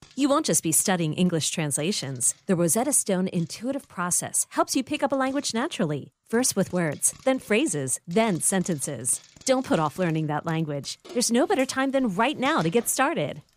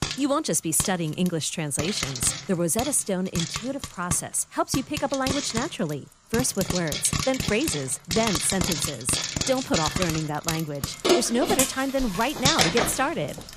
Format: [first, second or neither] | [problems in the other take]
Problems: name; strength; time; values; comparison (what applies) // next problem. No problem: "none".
first | household noises; loud; throughout; 2 dB below the speech; faint in the first